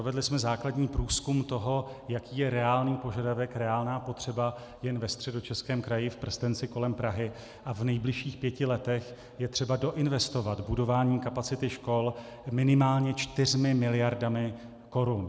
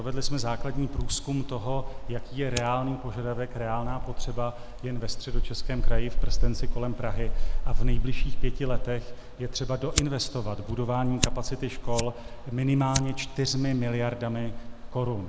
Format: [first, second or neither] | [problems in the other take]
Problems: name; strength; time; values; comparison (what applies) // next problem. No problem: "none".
first | background sound (Fire); 5 dB above the speech